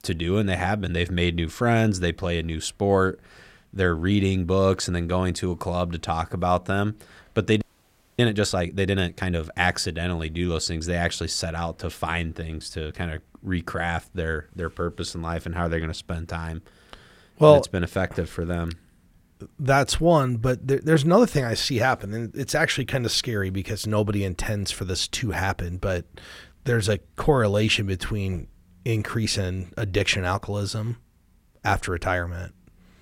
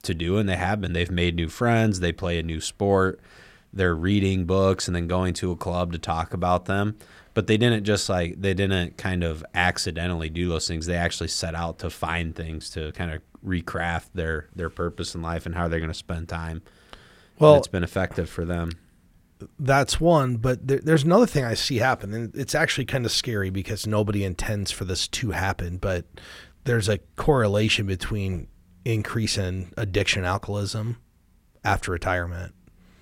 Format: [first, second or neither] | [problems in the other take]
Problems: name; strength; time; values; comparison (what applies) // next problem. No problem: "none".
second | audio freezing; at 7.5 s for 0.5 s